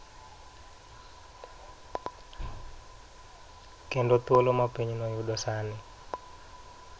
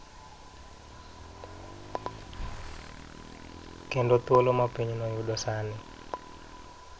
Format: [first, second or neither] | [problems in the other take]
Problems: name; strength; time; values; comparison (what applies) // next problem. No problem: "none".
first | background sound (Motorcycle / Engine); 17 dB below the speech